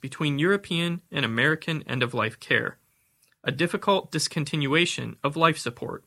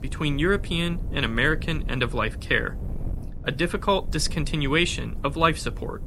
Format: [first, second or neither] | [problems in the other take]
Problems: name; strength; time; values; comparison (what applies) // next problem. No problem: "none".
first | wind noise on the microphone; occasional gusts; 20 dB below the speech